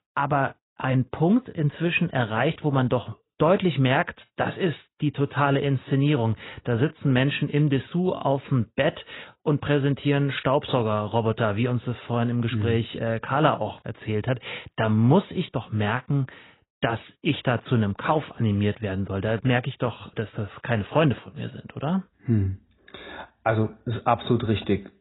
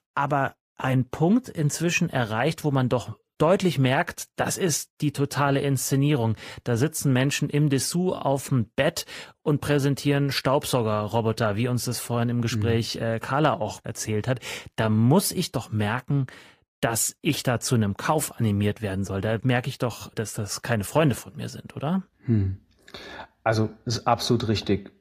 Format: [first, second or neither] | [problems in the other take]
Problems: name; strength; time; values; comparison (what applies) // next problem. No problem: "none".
second | garbled, watery; badly; nothing above 4 kHz; slightly in the second